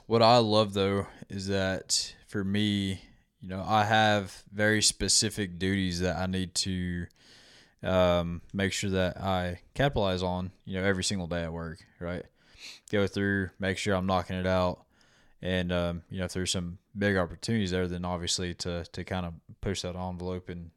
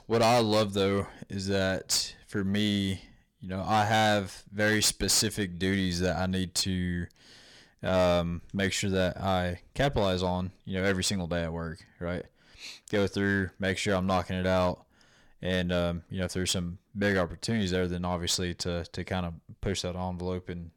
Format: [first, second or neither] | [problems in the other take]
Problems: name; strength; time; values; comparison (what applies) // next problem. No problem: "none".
first | distortion; slight; 7% of the sound clipped